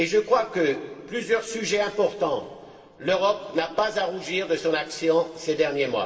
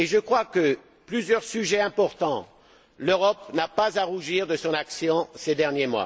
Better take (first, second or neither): second